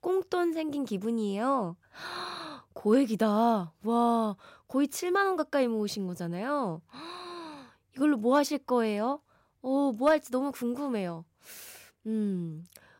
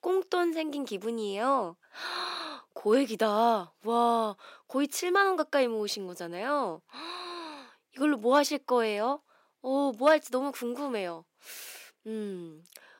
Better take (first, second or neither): first